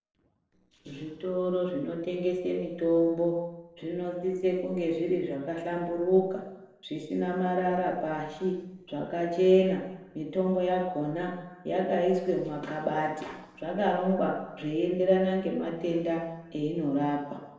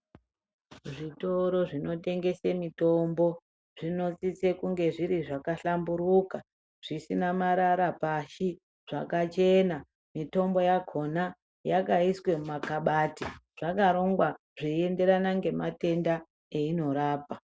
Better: second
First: noise reduction (neural separator model SepFormer DNS4)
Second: none

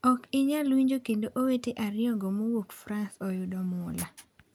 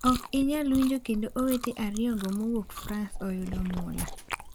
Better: first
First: none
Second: background sound (Chewing, mastication); 9 dB below the speech

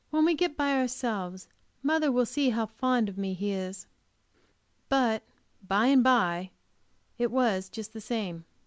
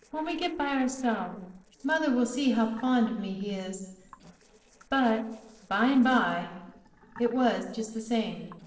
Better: first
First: none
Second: noise reduction (neural separator model SepFormer DNS4)

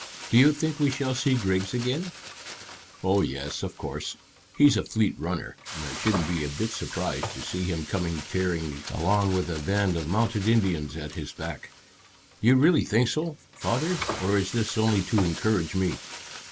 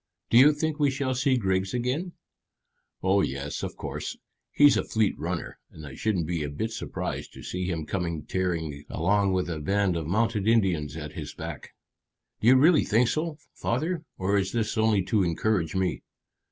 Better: second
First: background sound (Frying (food)); 13 dB below the speech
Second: none

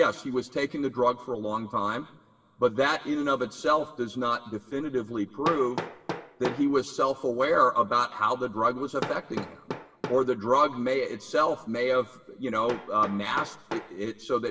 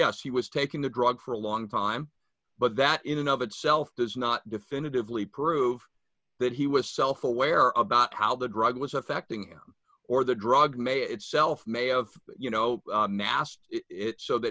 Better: second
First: background sound (Hammer); 14 dB below the speech // room echo; dies away in 2.7 s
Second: none

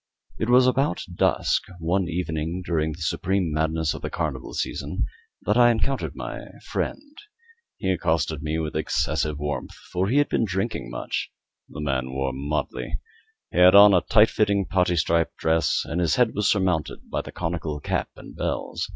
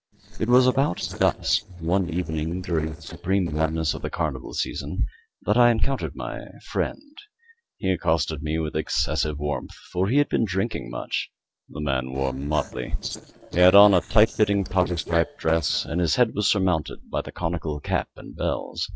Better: first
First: none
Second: noise reduction (neural separator model SepFormer DNS4)

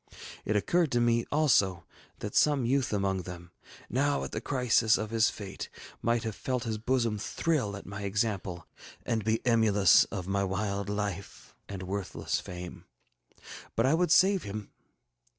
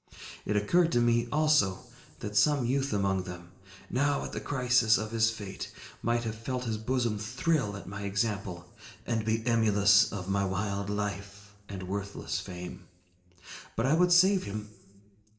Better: first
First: none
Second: room echo; dies away in 1.9 s

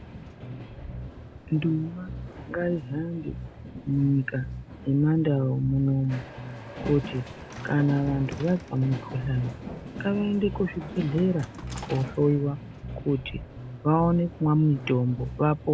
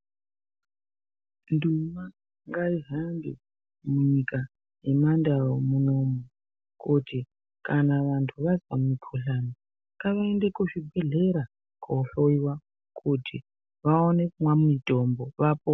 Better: second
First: background sound (Bass guitar + Train); 11 dB below the speech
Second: none

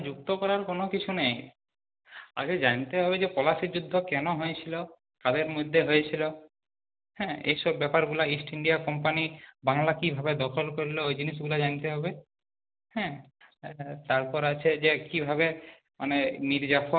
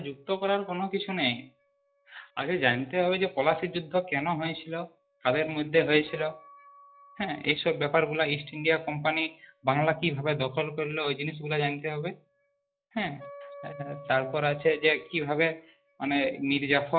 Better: first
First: none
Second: noise reduction (classical method log-MMSE)

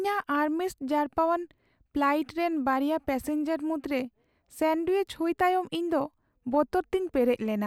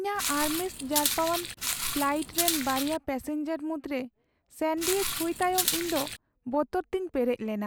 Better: first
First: none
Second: background sound (Walk, footsteps); 1 dB below the speech

